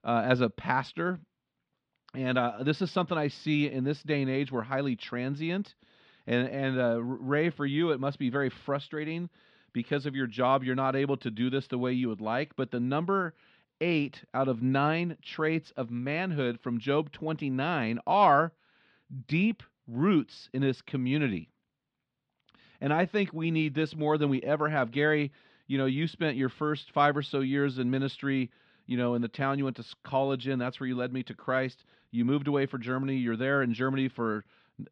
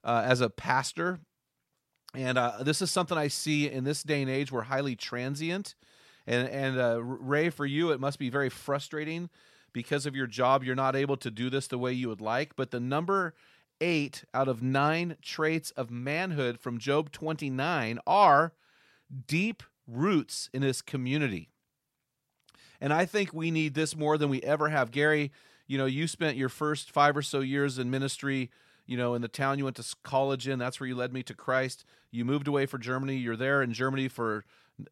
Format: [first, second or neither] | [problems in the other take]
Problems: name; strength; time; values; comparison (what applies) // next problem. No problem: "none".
second | muffled; slightly; fading above 3.5 kHz